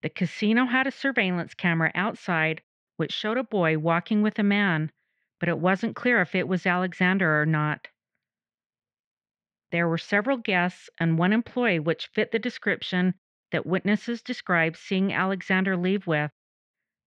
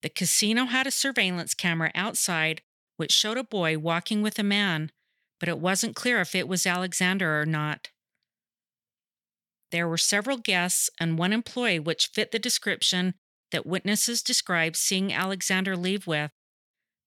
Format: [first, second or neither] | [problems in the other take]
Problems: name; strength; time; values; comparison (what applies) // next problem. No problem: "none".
second | muffled; very; fading above 2 kHz